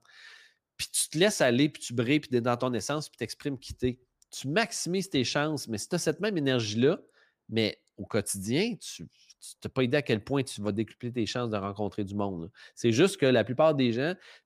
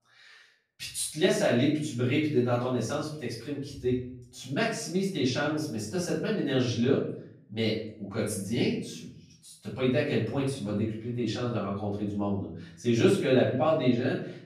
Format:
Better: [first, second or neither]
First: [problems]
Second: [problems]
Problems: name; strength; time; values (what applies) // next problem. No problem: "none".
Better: first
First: none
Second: room echo; noticeable; dies away in 0.6 s // off-mic speech; far